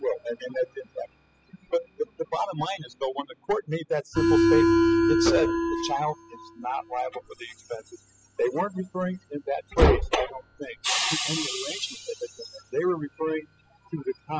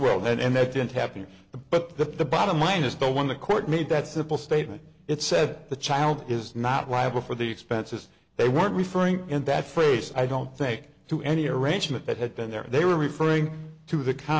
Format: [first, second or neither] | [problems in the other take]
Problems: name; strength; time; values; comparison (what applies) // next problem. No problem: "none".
second | noise reduction (classical method spectral subtraction)